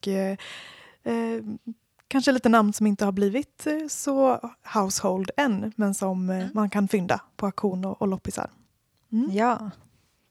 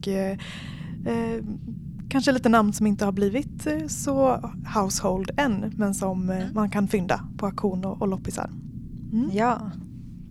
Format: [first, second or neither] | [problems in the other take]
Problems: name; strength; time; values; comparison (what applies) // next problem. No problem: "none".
first | low rumble; noticeable; throughout; 20 dB below the speech